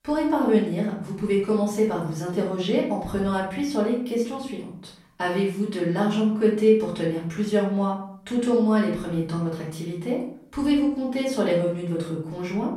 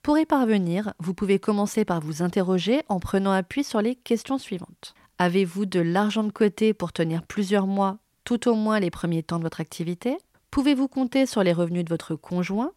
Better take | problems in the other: second | room echo; noticeable; dies away in 0.5 s // off-mic speech; far

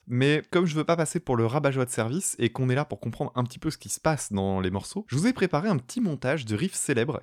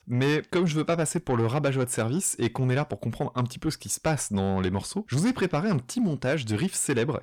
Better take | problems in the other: first | distortion; slight; 10 dB below the speech

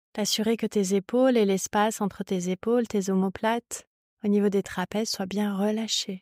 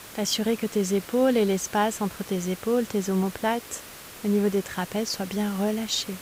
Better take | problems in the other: first | hiss; noticeable; throughout; 15 dB below the speech

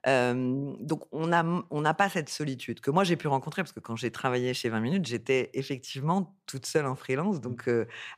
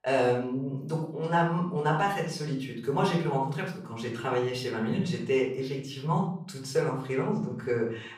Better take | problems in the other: first | off-mic speech; far // room echo; noticeable; dies away in 0.5 s

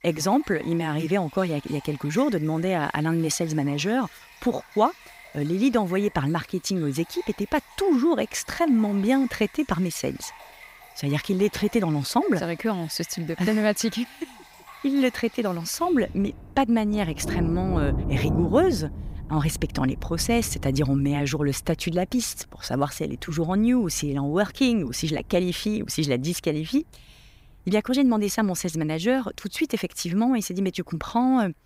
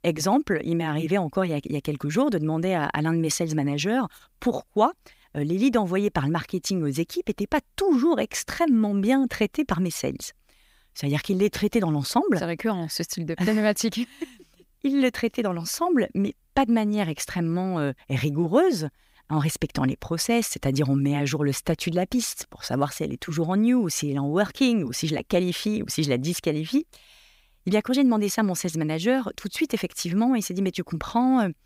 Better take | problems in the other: second | rain or running water; noticeable; throughout; 15 dB below the speech

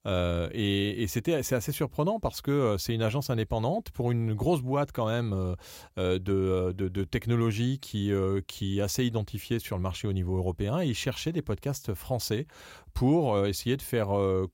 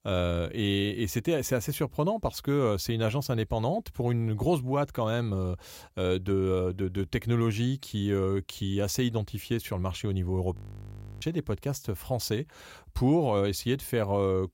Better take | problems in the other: first | audio freezing; at 11 s for 0.5 s

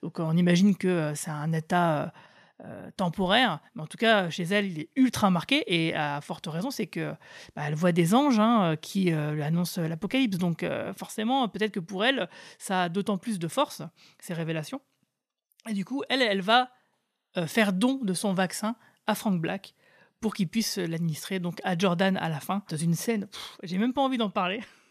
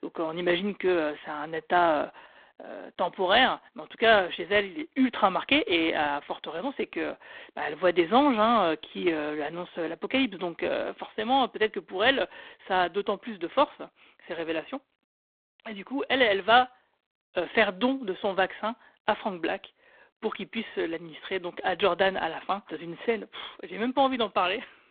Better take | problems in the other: first | phone-call audio; poor line

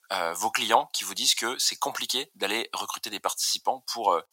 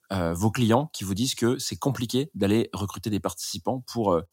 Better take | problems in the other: second | thin; very; fading below 850 Hz

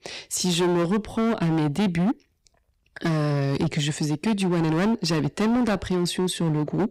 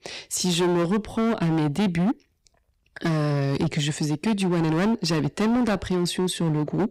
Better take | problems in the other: neither | distortion; heavy; 22% of the sound clipped; the same in both

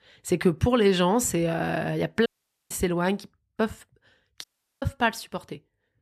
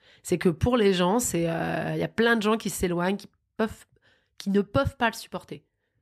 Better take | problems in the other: second | audio cutting out; at 2.5 s and at 4.5 s

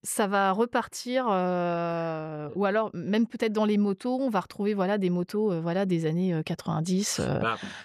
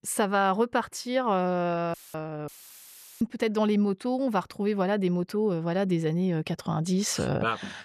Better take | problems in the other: first | audio cutting out; filled with static; at 2 s and at 2.5 s for 0.5 s

